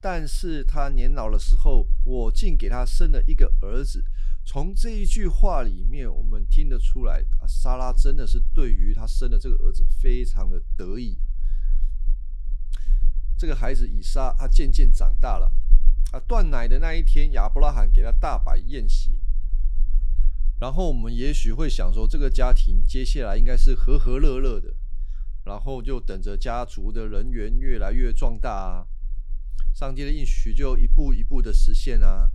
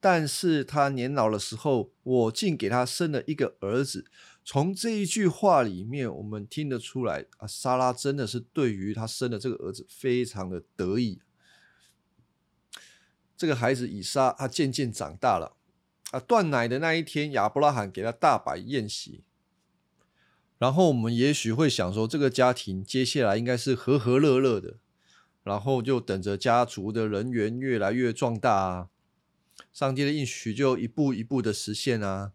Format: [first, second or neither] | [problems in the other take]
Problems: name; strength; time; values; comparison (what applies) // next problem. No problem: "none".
second | low rumble; faint; throughout; 20 dB below the speech